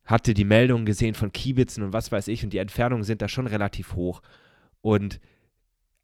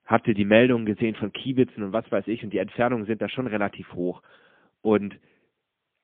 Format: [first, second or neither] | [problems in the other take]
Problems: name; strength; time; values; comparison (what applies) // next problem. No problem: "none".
first | phone-call audio; poor line; nothing above 3.5 kHz